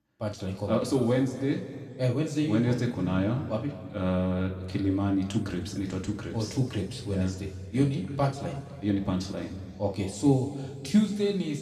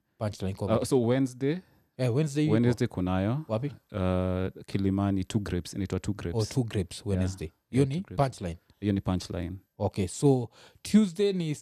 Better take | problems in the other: second | room echo; noticeable; dies away in 2 s // off-mic speech; somewhat distant

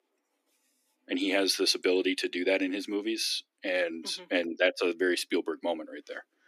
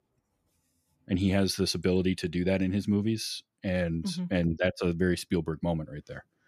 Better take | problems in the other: second | thin; somewhat; fading below 250 Hz

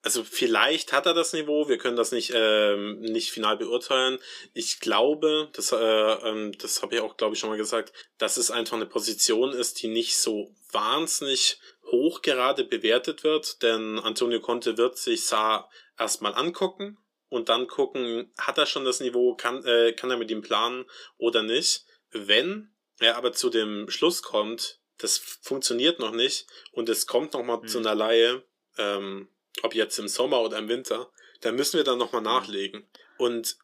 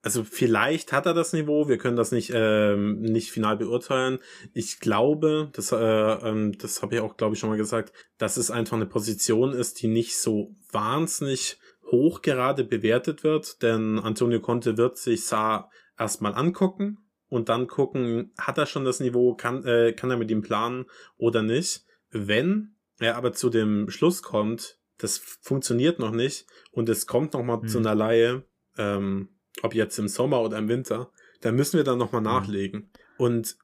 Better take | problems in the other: second | thin; somewhat; fading below 350 Hz

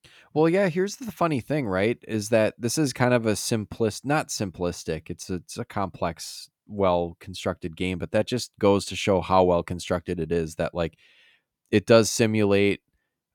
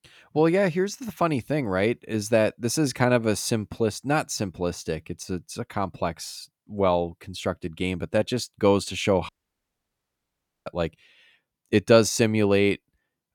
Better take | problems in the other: first | audio cutting out; at 9.5 s for 1.5 s

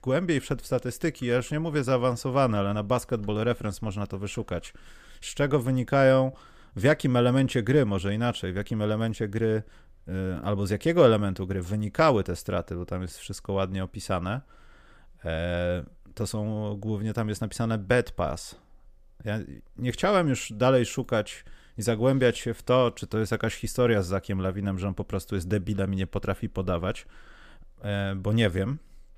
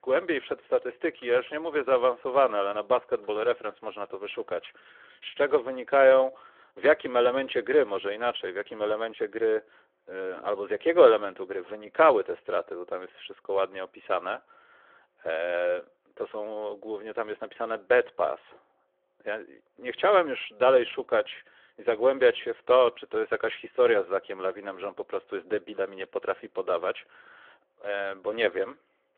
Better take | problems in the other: first | phone-call audio

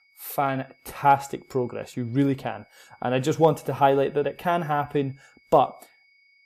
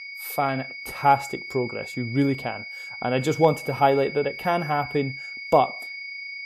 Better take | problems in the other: first | high-pitched whine; loud; throughout; 2 kHz, 10 dB below the speech; faint in the first

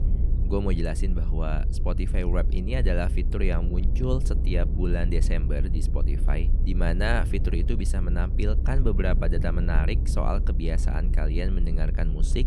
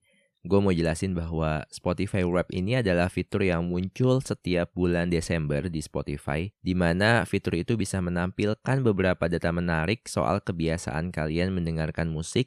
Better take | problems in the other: second | low rumble; noticeable; throughout; 10 dB below the speech

